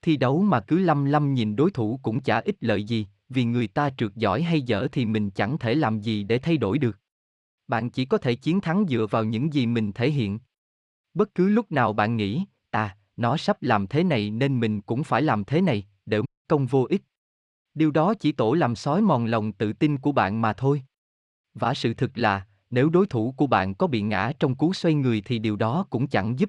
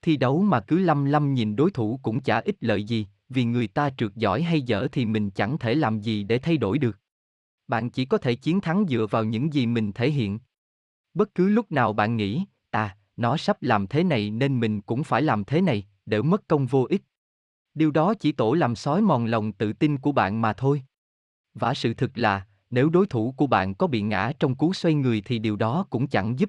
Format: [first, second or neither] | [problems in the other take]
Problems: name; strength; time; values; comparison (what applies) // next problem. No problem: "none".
second | audio cutting out; at 16 s